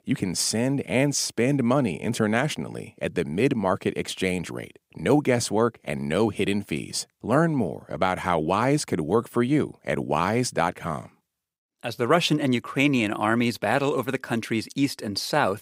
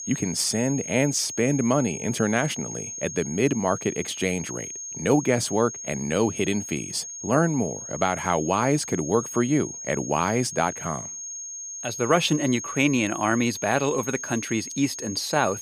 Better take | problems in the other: first | high-pitched whine; loud; throughout; 6.5 kHz, 8 dB below the speech

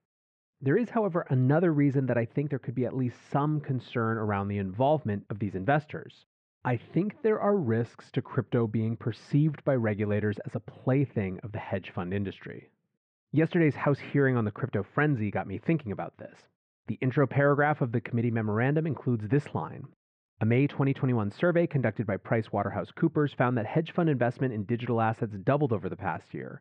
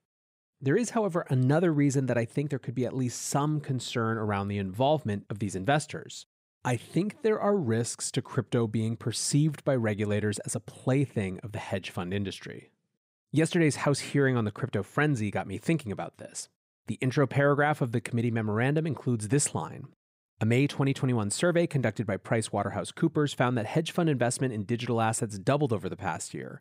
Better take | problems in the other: second | muffled; very; fading above 2.5 kHz

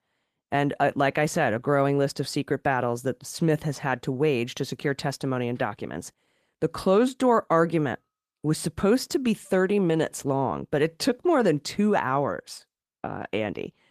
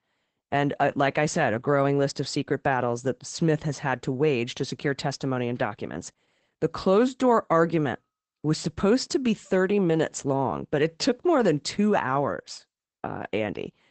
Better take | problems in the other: first | garbled, watery; badly; nothing above 8 kHz; slightly in the first

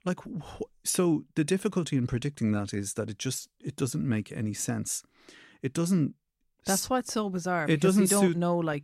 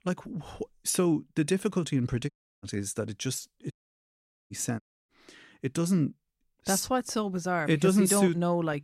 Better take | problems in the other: first | audio cutting out; at 2.5 s, at 3.5 s for 1 s and at 5 s

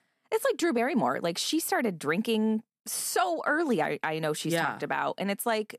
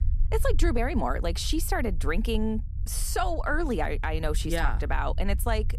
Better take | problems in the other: first | low rumble; faint; throughout; 20 dB below the speech

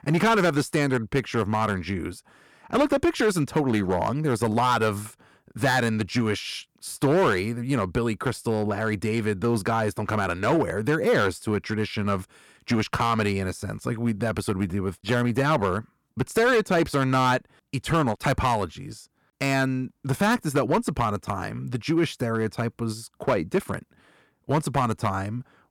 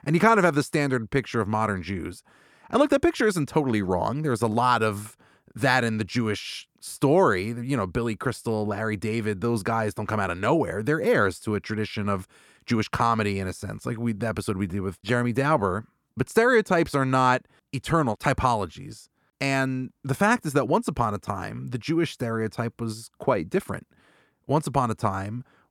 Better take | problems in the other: second | distortion; slight; 5% of the sound clipped

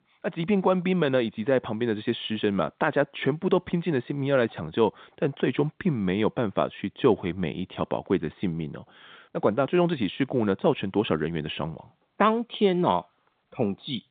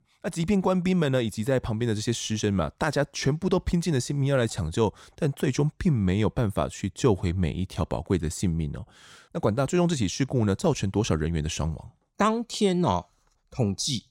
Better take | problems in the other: second | phone-call audio; nothing above 3.5 kHz

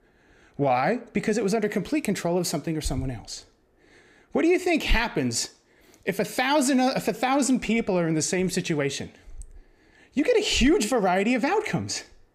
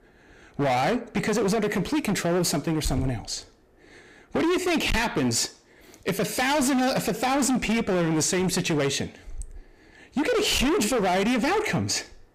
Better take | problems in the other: first | distortion; heavy; 24% of the sound clipped

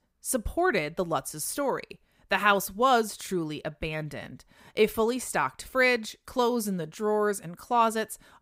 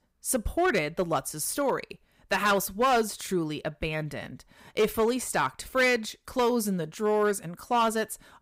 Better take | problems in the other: first | distortion; slight; 4% of the sound clipped

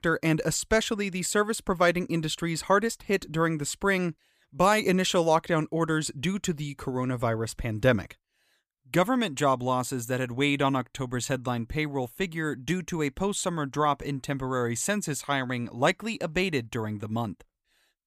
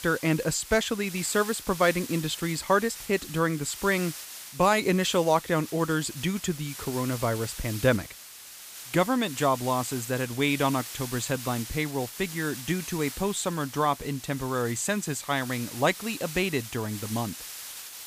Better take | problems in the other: first | hiss; noticeable; throughout; 10 dB below the speech

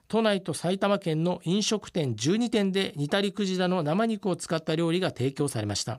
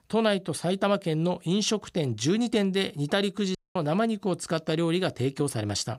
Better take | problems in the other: first | audio cutting out; at 3.5 s

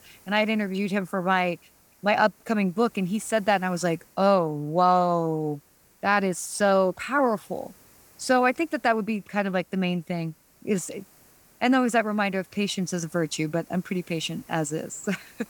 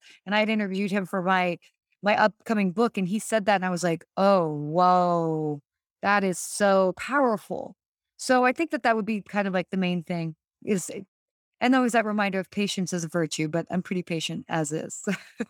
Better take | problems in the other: second | hiss; faint; throughout; 30 dB below the speech

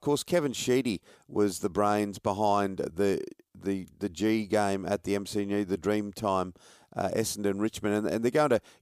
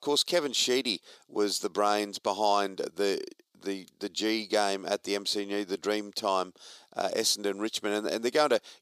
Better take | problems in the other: first | thin; very slightly; fading below 350 Hz

